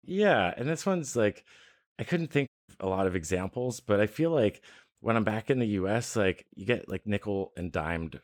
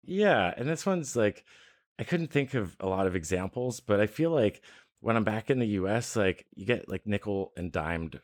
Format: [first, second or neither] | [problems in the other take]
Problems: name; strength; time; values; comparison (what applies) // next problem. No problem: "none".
second | audio cutting out; at 2.5 s